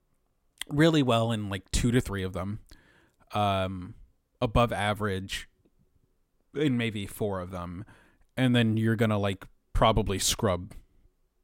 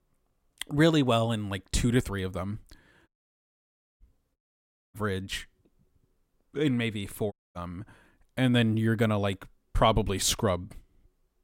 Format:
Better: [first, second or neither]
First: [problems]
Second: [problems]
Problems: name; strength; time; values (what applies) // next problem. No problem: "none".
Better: first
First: none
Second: audio cutting out; at 3 s for 1 s, at 4.5 s for 0.5 s and at 7.5 s